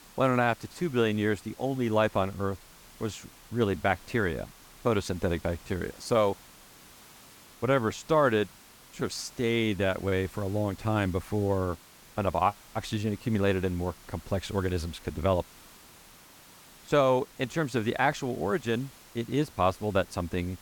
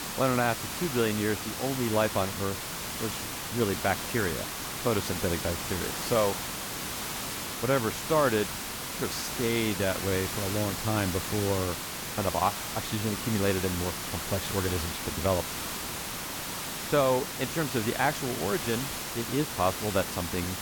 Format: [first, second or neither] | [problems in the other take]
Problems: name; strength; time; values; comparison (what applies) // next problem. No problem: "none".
first | hiss; loud; throughout; 3 dB below the speech; faint in the first